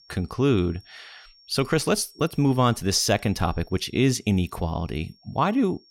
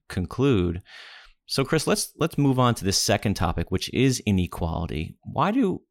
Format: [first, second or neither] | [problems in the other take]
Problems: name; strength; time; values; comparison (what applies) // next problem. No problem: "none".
second | high-pitched whine; faint; throughout; 5.5 kHz, 30 dB below the speech